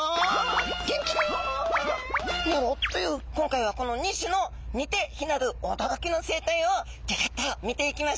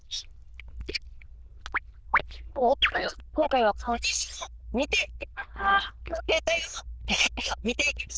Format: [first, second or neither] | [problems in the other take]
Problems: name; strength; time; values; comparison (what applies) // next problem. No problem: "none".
first | noise reduction (neural diffusion model UNIVERSE++)